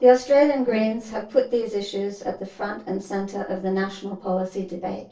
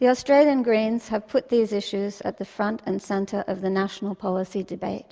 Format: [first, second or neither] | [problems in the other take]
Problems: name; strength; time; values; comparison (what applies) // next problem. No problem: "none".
second | noise reduction (neural separator model SepFormer DNS4)